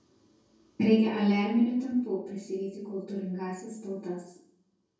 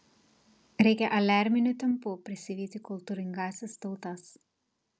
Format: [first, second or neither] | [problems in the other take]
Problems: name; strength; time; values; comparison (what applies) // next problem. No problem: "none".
second | room echo; dies away in 0.6 s